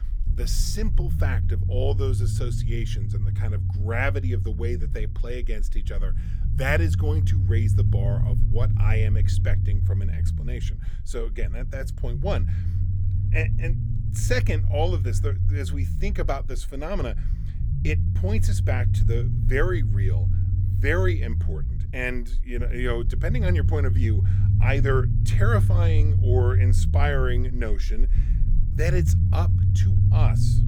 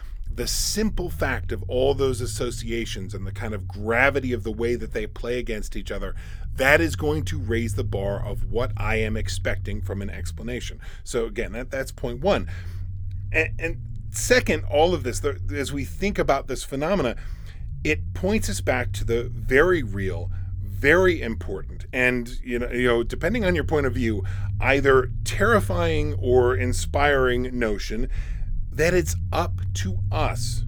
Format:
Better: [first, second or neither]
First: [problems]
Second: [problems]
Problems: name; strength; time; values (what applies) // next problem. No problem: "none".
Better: second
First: low rumble; loud; throughout; 7 dB below the speech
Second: low rumble; faint; throughout; 25 dB below the speech